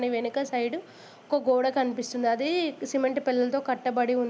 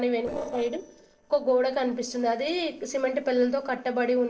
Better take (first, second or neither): first